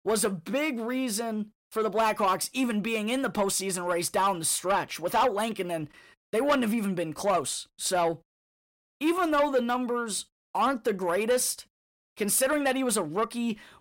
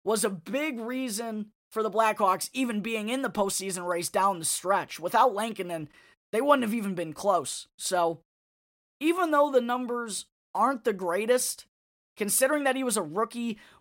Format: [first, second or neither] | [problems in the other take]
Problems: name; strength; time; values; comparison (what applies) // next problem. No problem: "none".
second | distortion; slight; 10 dB below the speech